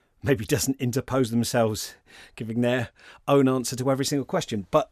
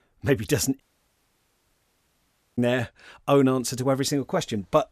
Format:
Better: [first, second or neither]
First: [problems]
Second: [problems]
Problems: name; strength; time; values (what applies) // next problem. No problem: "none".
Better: first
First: none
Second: audio cutting out; at 1 s for 2 s